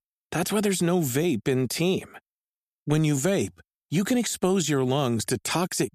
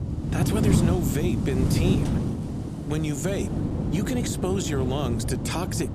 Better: first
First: none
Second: wind noise on the microphone; heavy; 2 dB below the speech

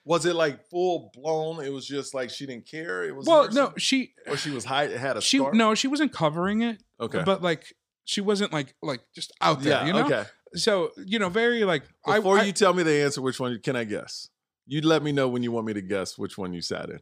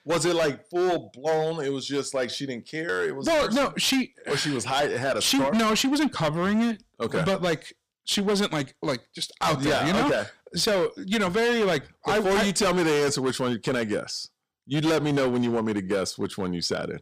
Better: first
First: none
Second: distortion; heavy; 16% of the sound clipped

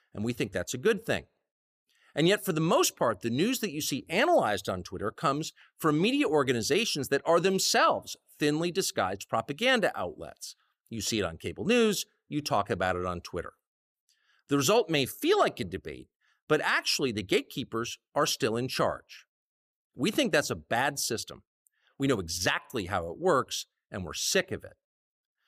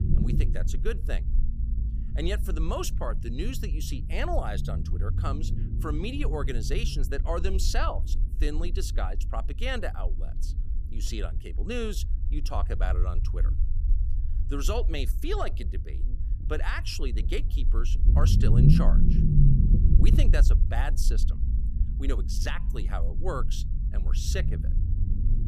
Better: first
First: none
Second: low rumble; loud; throughout; 7 dB below the speech

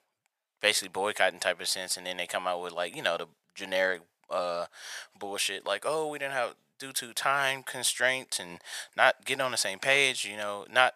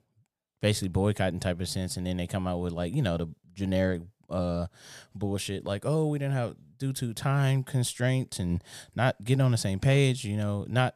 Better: second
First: thin; very; fading below 800 Hz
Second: none

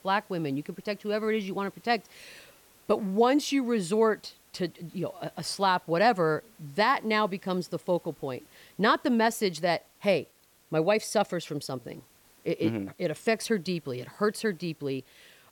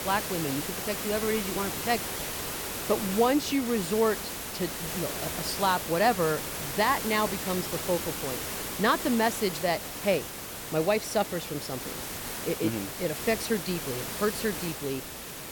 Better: first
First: hiss; faint; throughout; 30 dB below the speech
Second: hiss; loud; throughout; 4 dB below the speech

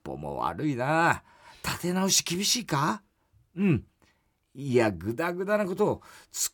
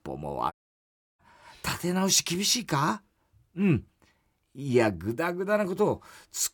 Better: first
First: none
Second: audio cutting out; at 0.5 s for 0.5 s

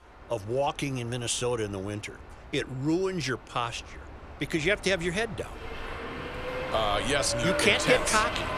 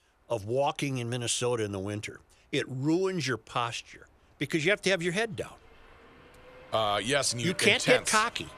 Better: second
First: train or aircraft noise; loud; throughout; 6 dB below the speech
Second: train or aircraft noise; faint; throughout; 25 dB below the speech

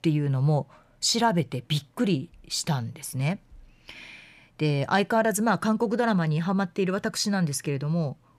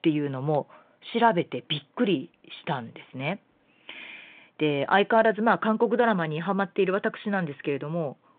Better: first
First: none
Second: phone-call audio

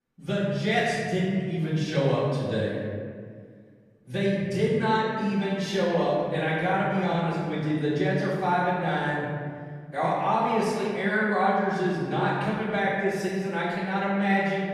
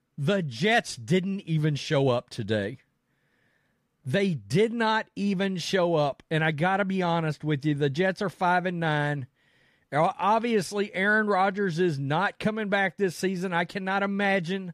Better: second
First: off-mic speech; far // room echo; strong; dies away in 1.7 s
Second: none

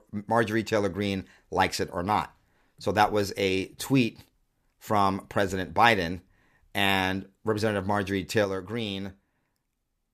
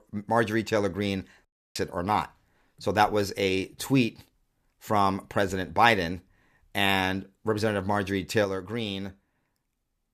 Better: first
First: none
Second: audio cutting out; at 1.5 s

